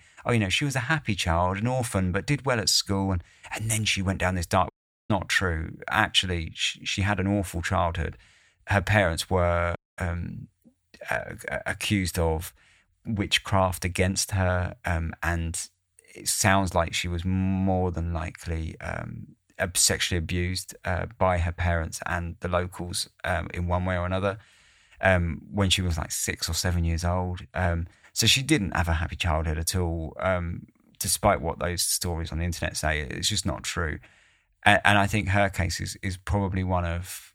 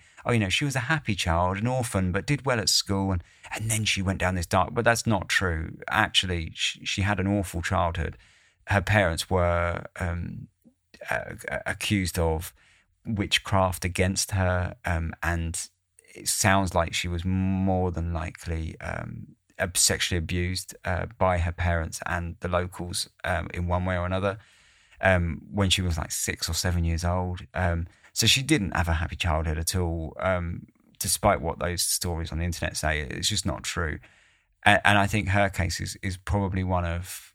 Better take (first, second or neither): second